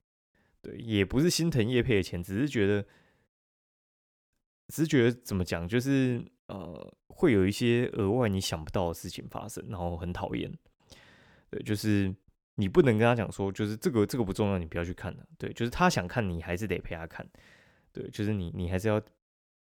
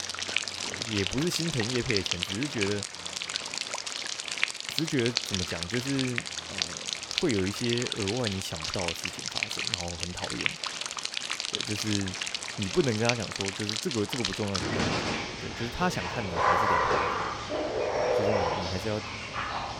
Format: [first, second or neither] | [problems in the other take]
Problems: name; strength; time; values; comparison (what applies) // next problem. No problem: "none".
first | rain or running water; very loud; throughout; 2 dB above the speech